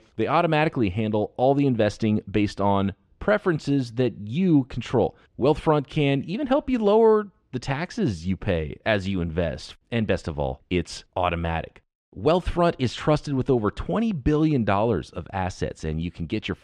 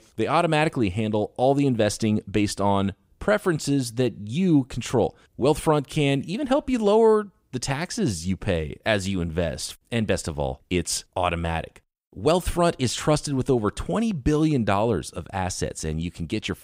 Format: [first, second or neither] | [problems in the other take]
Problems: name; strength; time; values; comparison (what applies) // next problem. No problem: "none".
second | muffled; slightly; fading above 3.5 kHz